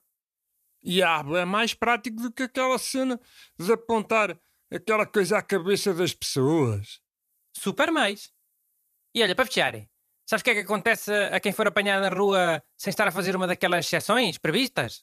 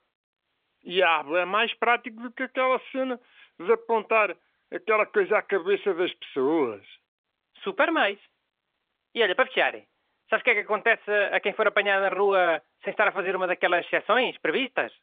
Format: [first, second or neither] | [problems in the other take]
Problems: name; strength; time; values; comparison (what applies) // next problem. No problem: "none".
first | phone-call audio; nothing above 3.5 kHz